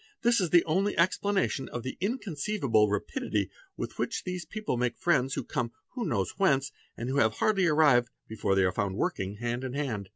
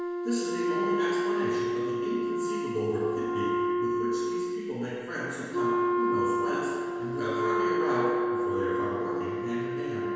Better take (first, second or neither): first